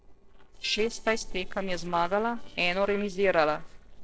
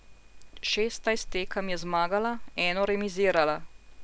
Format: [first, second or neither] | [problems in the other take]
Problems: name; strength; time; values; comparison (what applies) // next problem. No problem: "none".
second | noise reduction (neural separator model SepFormer DNS4)